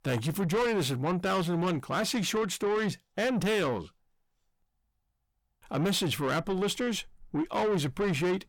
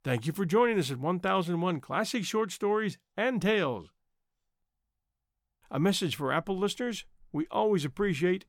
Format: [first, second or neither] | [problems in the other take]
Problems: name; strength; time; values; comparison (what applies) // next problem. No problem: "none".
second | distortion; heavy; 8 dB below the speech